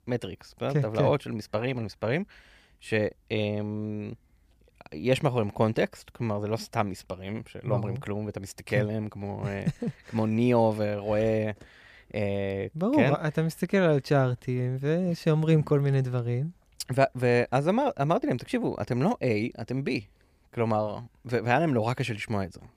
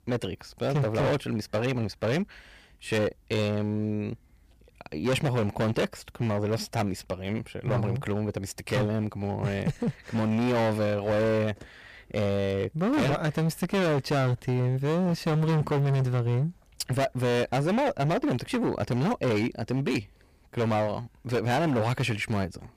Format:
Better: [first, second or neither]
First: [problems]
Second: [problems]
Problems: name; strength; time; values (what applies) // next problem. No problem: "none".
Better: first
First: none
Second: distortion; heavy; 18% of the sound clipped